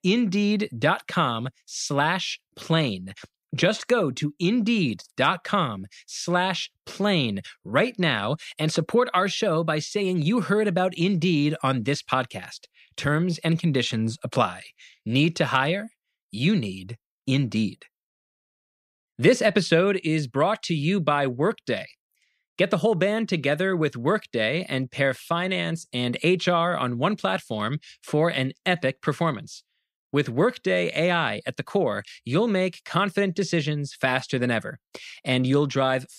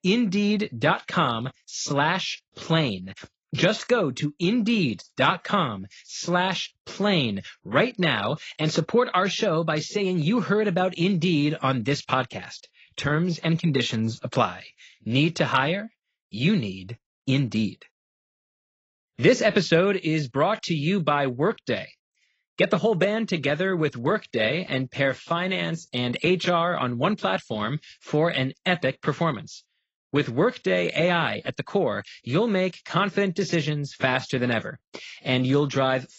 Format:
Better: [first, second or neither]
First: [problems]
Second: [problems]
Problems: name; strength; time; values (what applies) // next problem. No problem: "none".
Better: first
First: none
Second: garbled, watery; badly; nothing above 7.5 kHz